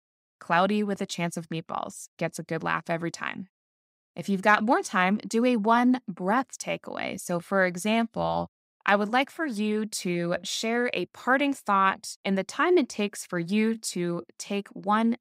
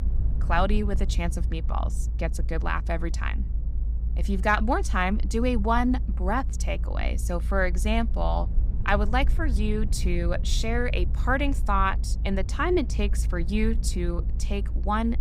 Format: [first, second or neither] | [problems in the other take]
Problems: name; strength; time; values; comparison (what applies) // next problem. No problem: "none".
first | low rumble; noticeable; throughout; 20 dB below the speech